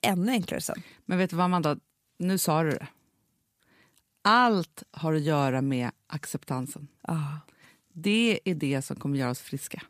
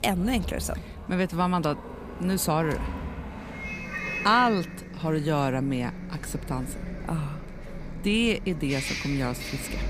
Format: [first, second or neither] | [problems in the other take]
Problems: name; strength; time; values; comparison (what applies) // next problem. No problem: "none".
first | traffic noise; loud; throughout; 9 dB below the speech